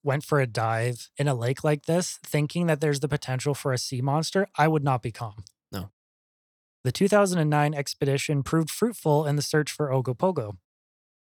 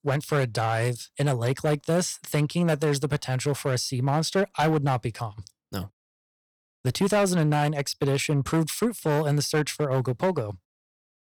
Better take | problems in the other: first | distortion; slight; 8% of the sound clipped

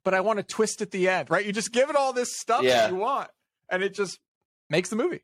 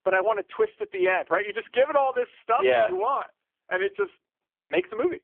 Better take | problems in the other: first | phone-call audio; poor line; nothing above 3 kHz

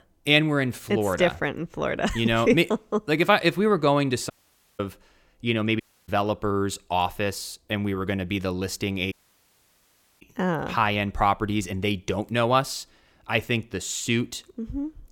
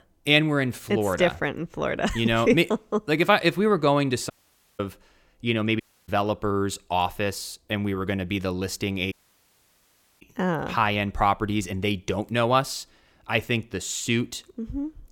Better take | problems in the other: neither | audio cutting out; at 4.5 s, at 6 s and at 9 s for 1 s; the same in both

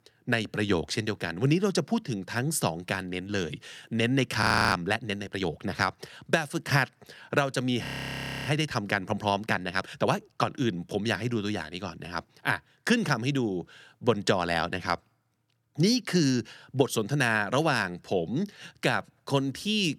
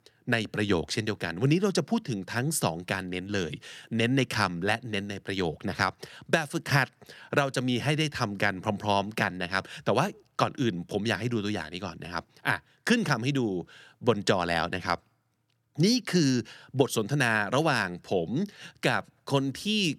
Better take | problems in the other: second | audio freezing; at 4.5 s and at 8 s for 0.5 s

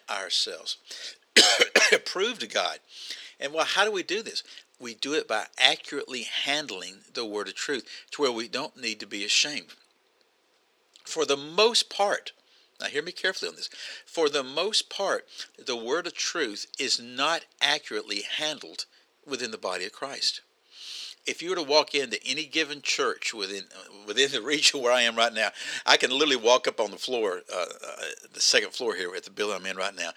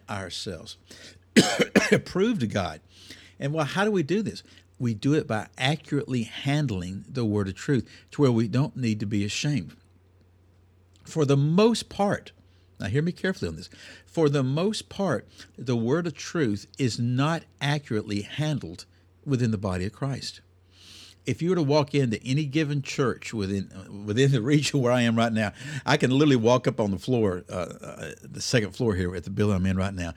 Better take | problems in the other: second | thin; very; fading below 450 Hz

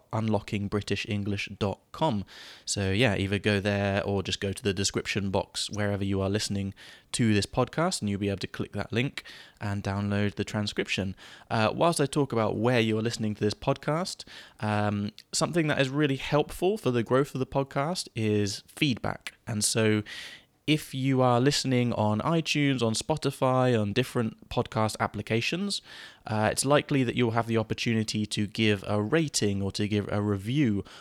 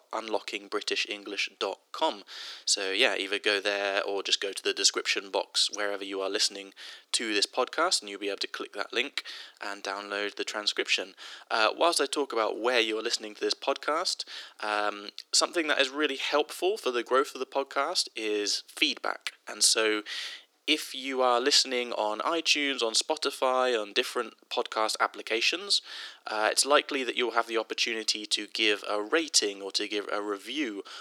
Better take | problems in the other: first | thin; very; fading below 300 Hz

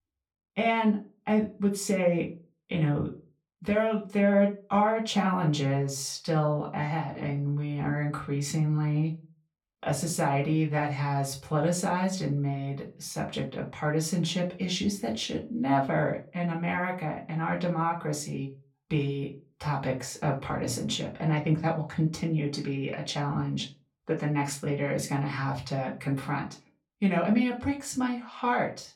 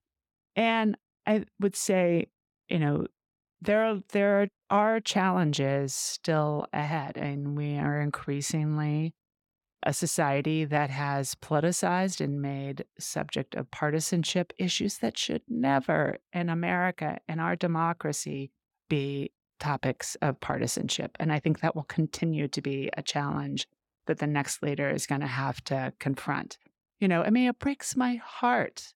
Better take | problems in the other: second | off-mic speech; far // room echo; very slight; dies away in 0.3 s

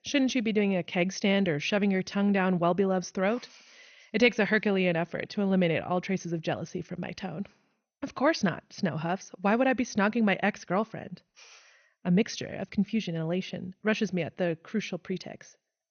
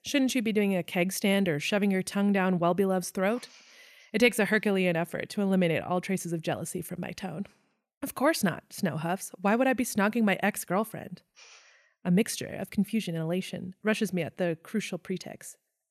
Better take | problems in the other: second | garbled, watery; slightly; nothing above 6.5 kHz

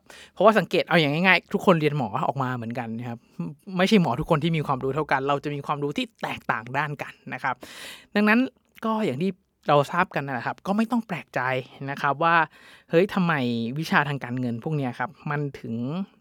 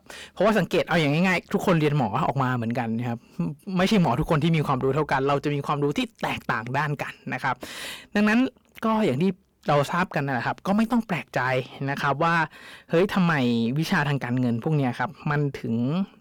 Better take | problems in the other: first | distortion; heavy; 7 dB below the speech

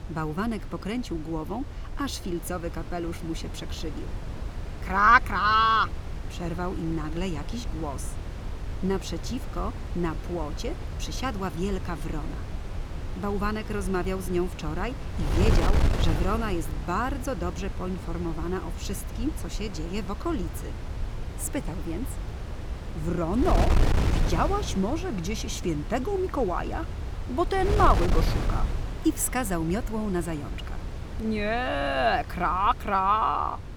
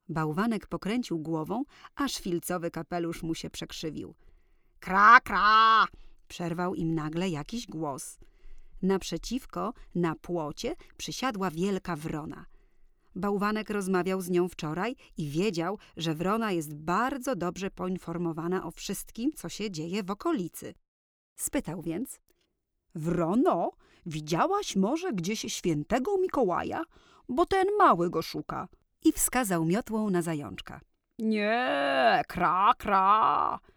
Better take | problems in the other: second | wind noise on the microphone; occasional gusts; 15 dB below the speech

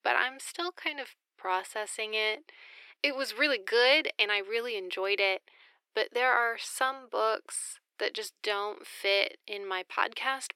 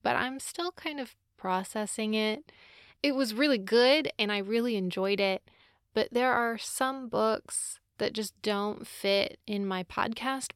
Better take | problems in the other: second | thin; very; fading below 350 Hz

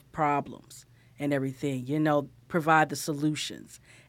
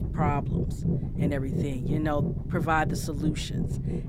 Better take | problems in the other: first | low rumble; loud; throughout; 8 dB below the speech

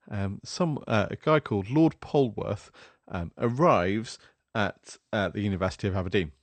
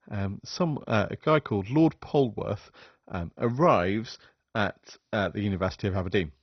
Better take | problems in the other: first | garbled, watery; badly; nothing above 6 kHz; slightly in the first

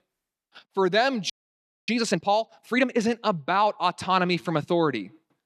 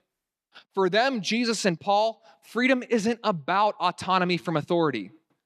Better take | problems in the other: second | audio freezing; at 1.5 s for 0.5 s

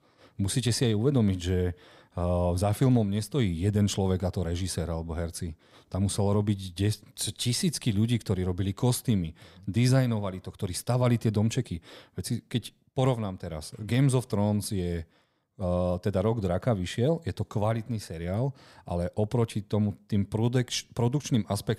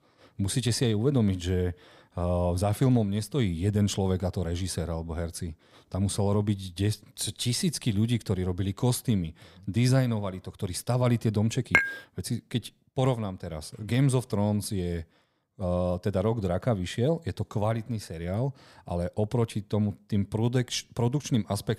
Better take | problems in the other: first | clattering dishes; loud; at 12 s; peak 5 dB above the speech

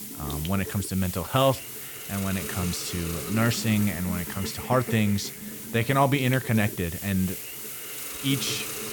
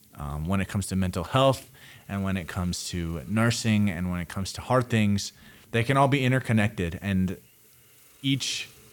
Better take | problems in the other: second | hiss; loud; throughout; 7 dB below the speech; faint in the second

